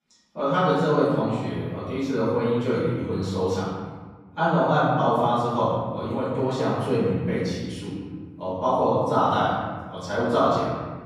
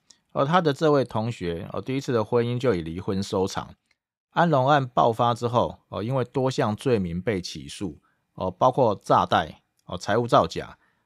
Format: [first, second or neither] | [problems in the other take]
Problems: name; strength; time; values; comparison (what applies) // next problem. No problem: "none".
second | room echo; strong; dies away in 1.5 s // off-mic speech; far